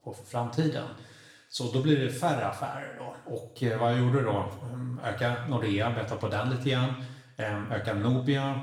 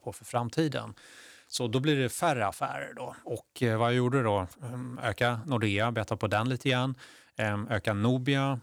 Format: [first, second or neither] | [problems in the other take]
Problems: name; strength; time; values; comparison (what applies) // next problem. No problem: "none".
second | room echo; noticeable; dies away in 0.8 s // off-mic speech; far